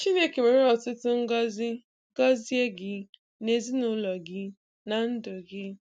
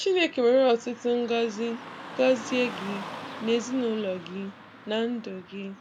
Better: first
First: none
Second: background sound (Car passing by / Traffic noise, roadway noise); 15 dB below the speech

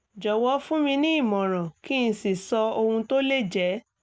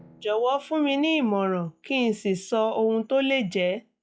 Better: first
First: none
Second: noise reduction (classical method log-MMSE)

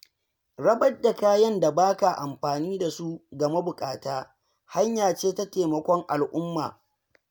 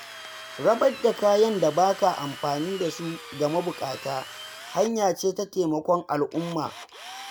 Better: first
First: none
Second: background sound (Drill); 16 dB below the speech

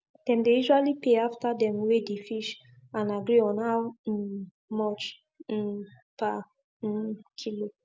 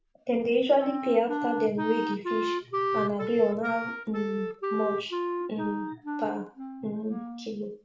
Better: first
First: none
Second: background sound (Wind instrument, woodwind instrument); 4 dB below the speech // room echo; dies away in 0.4 s

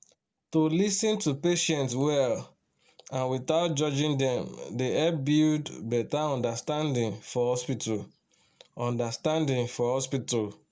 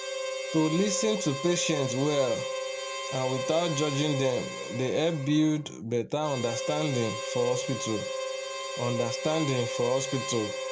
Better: first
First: none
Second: background sound (Harmonica); 5 dB below the speech

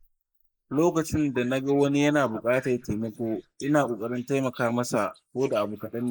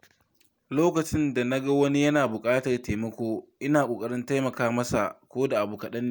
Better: second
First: noise reduction (neural mask model Resemble Enhance denoiser)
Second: none

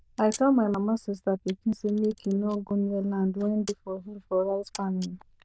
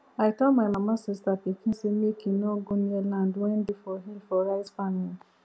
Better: second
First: noise reduction (neural diffusion model UNIVERSE++)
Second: none

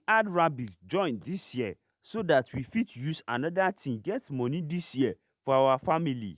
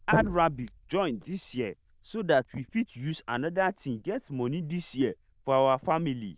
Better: first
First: none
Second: noise reduction (neural diffusion model UNIVERSE++)

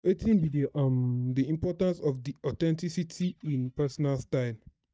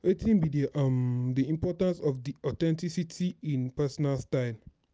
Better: second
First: noise reduction (neural mask model DeepFilterNet 3)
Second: none

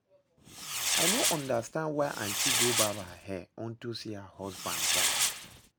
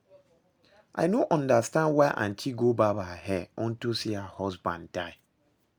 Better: second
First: background sound (Fireworks); 5 dB above the speech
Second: none

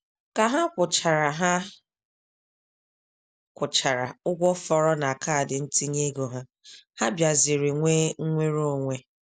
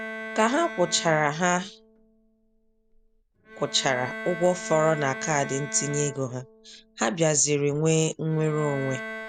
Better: first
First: none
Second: background sound (Bowed string instrument); 12 dB below the speech

